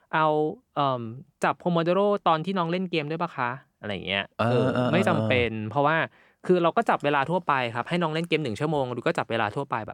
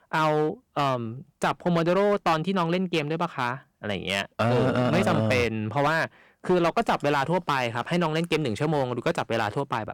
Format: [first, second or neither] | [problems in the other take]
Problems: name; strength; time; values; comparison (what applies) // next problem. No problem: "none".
first | distortion; slight; 9% of the sound clipped